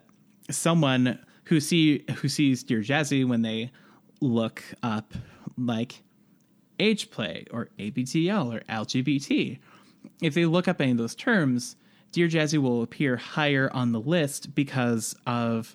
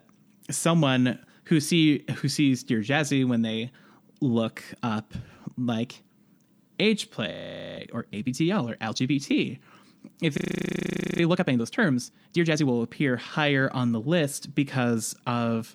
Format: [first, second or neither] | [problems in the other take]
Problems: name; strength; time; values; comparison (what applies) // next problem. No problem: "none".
first | audio freezing; at 7.5 s and at 10 s for 1 s